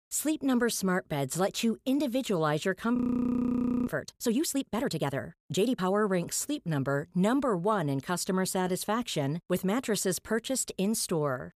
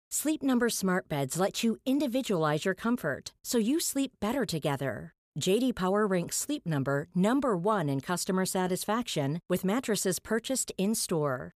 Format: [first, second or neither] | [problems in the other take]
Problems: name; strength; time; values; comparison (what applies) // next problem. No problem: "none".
second | audio freezing; at 3 s for 1 s